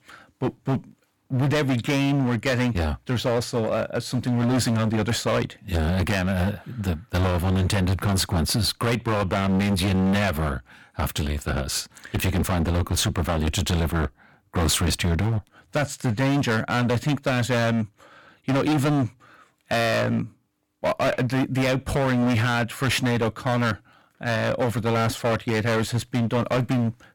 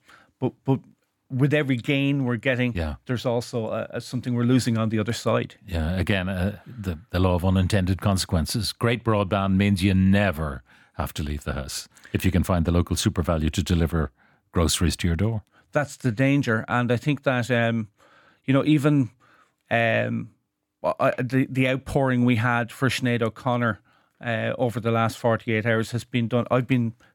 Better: second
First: distortion; heavy; 22% of the sound clipped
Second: none

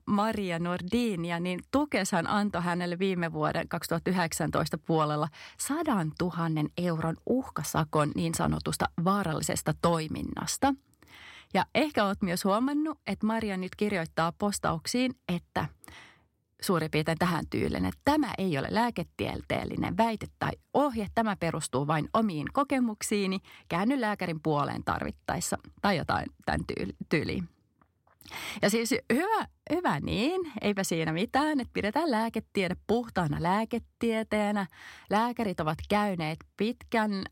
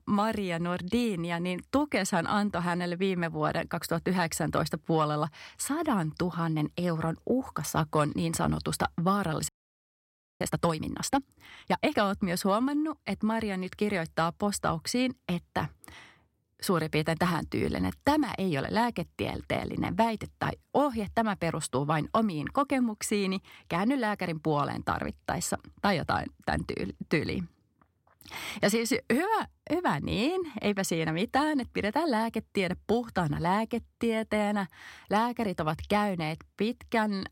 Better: first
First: none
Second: audio freezing; at 9.5 s for 1 s

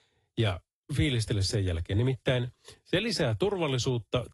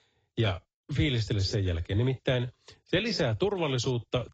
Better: first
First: garbled, watery; slightly; nothing above 11 kHz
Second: garbled, watery; badly; nothing above 7.5 kHz

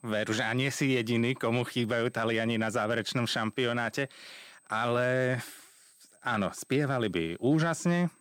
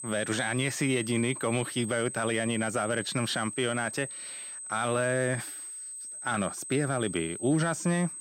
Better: first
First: high-pitched whine; faint; throughout; 8.5 kHz, 35 dB below the speech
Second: high-pitched whine; loud; throughout; 8.5 kHz, 8 dB below the speech

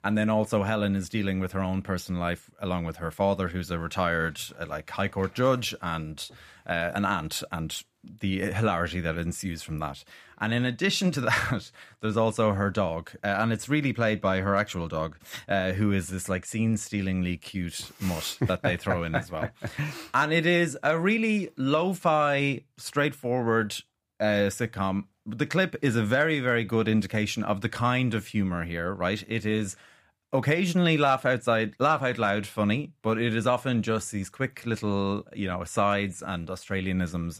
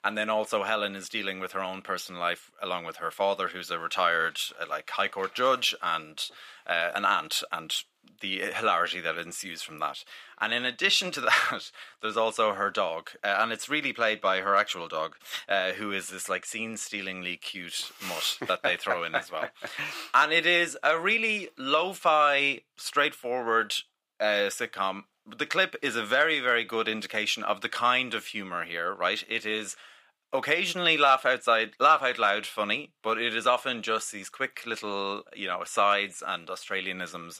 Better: first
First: none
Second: thin; very; fading below 450 Hz

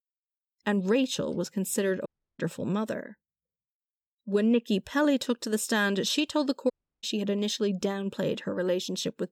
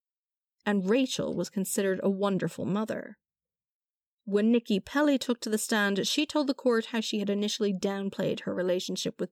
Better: second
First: audio cutting out; at 2 s and at 6.5 s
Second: none

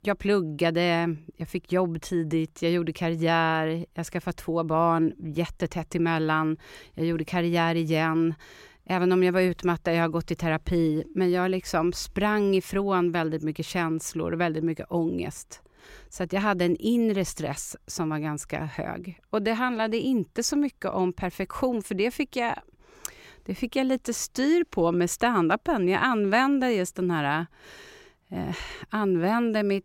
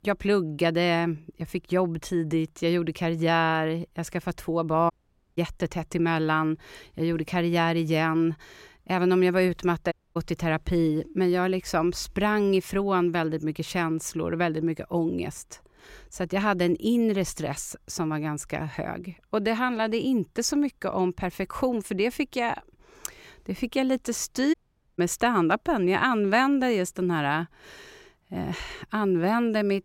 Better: first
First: none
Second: audio cutting out; at 5 s, at 10 s and at 25 s

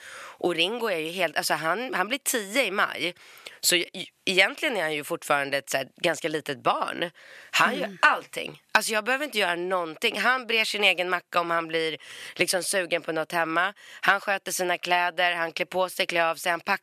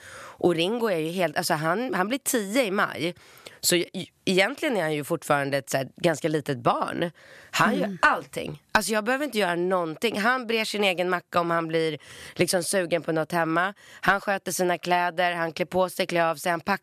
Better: second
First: thin; very slightly; fading below 500 Hz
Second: none

